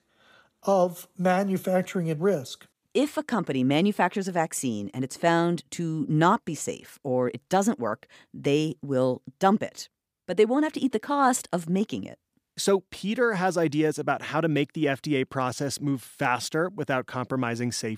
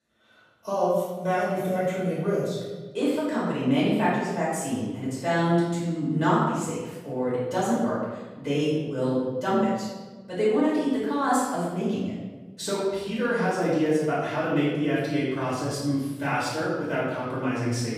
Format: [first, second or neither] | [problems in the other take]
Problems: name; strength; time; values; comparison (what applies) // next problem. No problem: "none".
first | off-mic speech; far // room echo; strong; dies away in 1.1 s